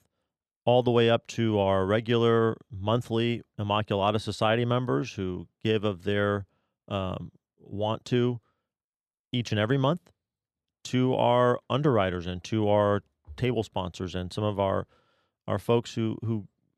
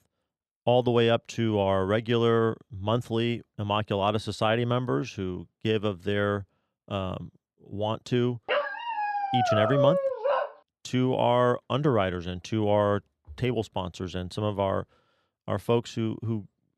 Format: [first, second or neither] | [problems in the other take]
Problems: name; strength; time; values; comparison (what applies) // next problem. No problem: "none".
first | dog barking; loud; from 8.5 to 10 s; peak 3 dB above the speech